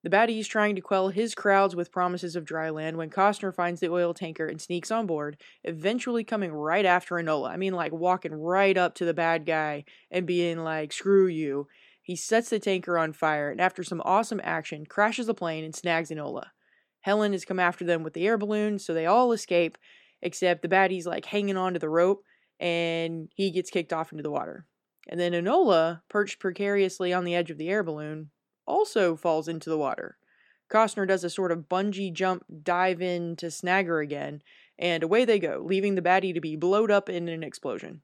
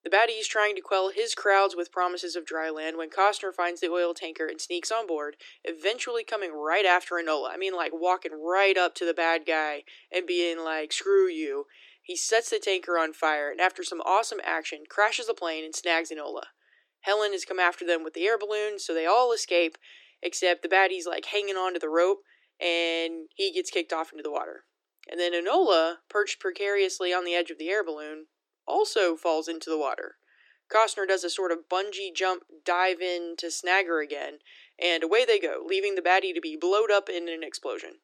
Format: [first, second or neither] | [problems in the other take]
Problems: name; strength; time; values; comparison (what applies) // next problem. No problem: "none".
first | thin; very; fading below 300 Hz